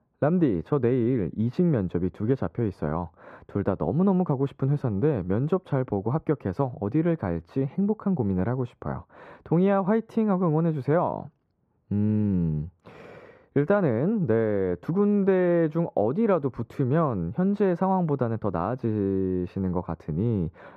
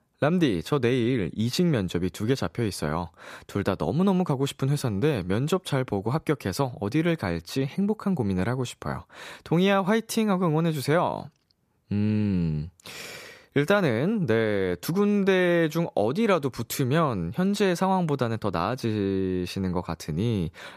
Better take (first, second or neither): second